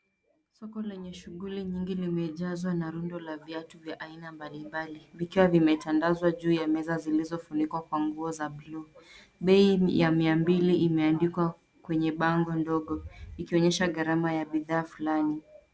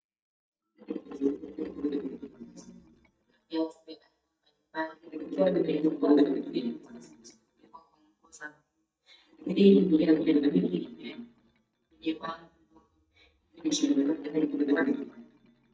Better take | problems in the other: first | noise reduction (neural mask model DeepFilterNet 3)

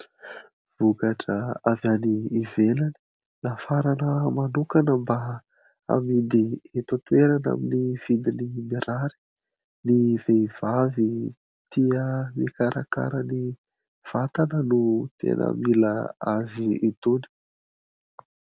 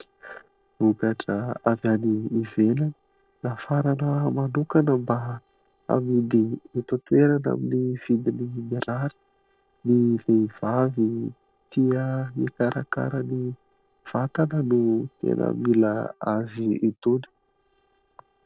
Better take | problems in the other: first | noise reduction (neural separator model SepFormer DNS4)

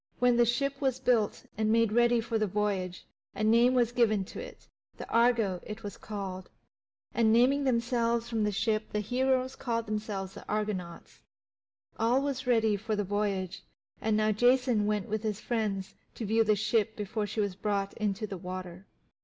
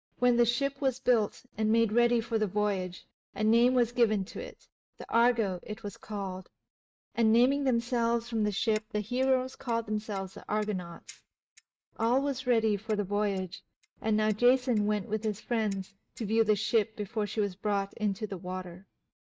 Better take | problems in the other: first | noise reduction (neural mask model RNNoise)

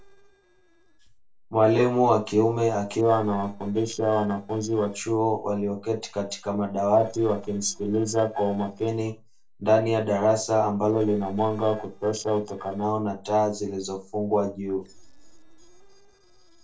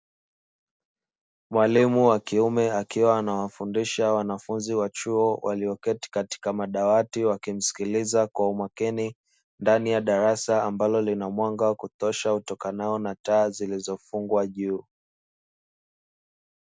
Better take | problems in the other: second | noise reduction (neural separator model SepFormer DNS4)

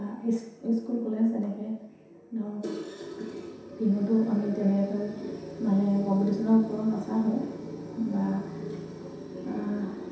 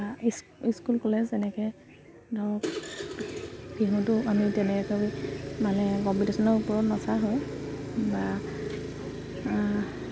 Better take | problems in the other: second | room echo; dies away in 0.7 s

